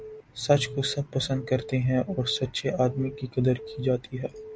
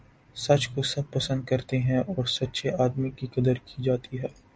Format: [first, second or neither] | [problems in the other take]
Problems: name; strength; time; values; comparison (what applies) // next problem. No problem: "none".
second | background sound (Alarm / Keyboard (musical)); 17 dB below the speech